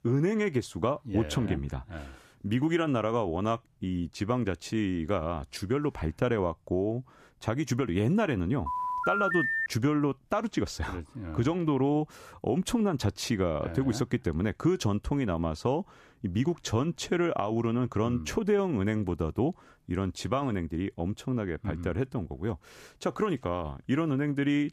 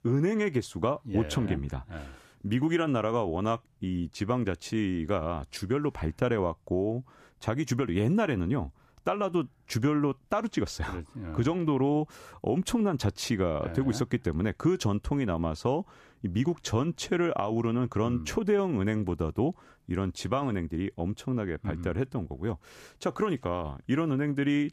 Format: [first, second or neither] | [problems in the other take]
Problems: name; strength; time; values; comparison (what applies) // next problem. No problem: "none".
second | phone ringing; loud; from 8.5 to 9.5 s; peak 2 dB above the speech